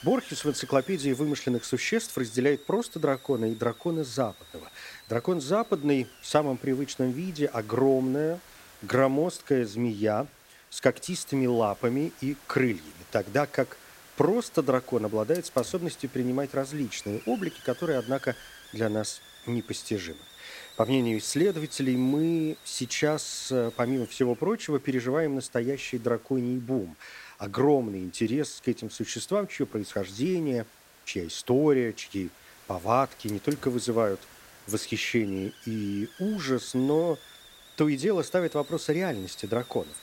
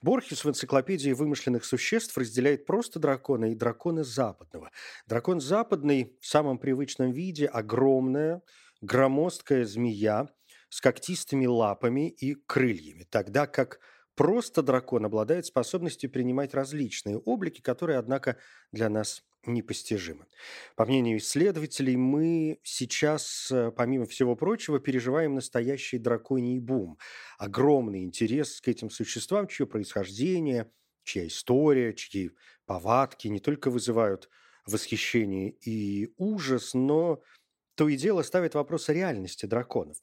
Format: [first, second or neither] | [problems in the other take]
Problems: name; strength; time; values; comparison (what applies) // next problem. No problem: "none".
second | hiss; faint; throughout; 20 dB below the speech